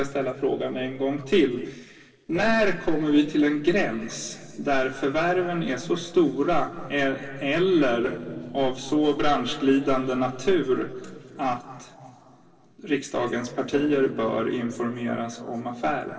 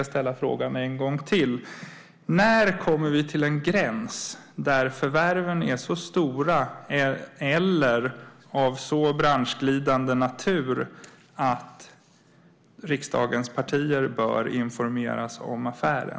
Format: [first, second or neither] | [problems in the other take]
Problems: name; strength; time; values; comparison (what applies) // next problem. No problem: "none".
second | noise reduction (neural separator model SepFormer DNS4)